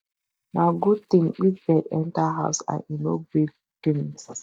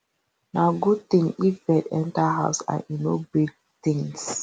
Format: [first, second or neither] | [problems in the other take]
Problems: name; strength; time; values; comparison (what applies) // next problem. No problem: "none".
second | noise reduction (neural mask model DeepFilterNet 3)